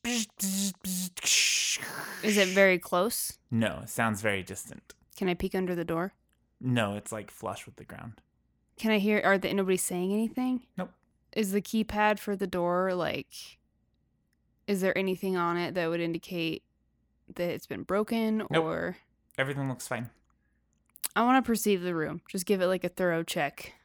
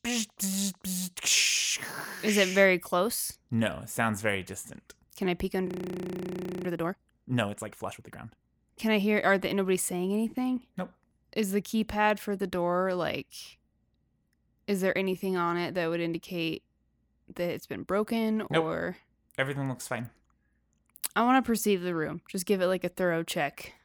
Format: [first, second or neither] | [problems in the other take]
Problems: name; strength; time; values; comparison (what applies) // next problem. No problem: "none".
first | audio freezing; at 5.5 s for 1 s